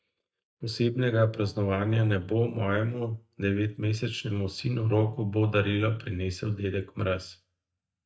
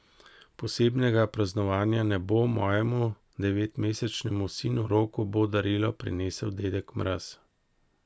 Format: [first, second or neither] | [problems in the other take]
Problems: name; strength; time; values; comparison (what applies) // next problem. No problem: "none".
second | noise reduction (neural mask model DeepFilterNet 3)